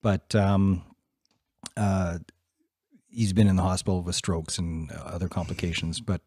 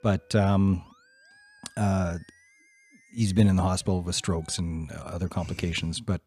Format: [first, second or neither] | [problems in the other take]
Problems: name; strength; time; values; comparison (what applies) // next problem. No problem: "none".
first | background music; faint; until 5 s; 30 dB below the speech